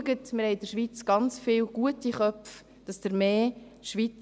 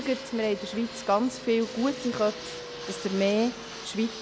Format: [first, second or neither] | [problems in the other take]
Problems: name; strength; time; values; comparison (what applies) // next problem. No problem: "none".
first | background sound (Fixed-wing aircraft, airplane); 11 dB below the speech